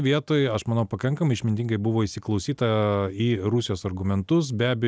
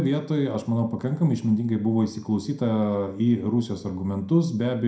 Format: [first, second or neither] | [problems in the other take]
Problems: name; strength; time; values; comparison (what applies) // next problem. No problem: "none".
first | room echo; dies away in 0.4 s